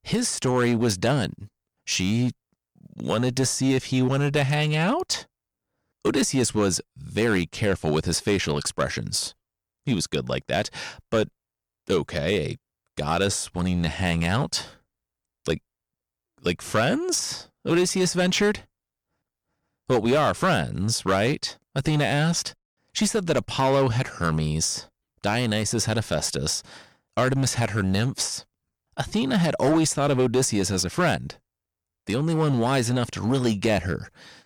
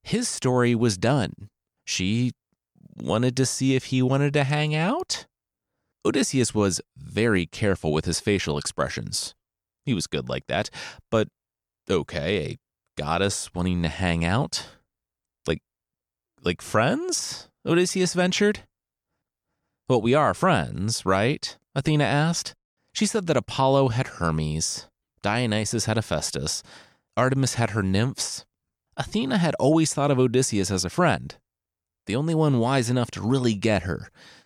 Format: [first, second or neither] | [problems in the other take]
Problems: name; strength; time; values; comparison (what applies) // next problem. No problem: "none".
second | distortion; slight; 5% of the sound clipped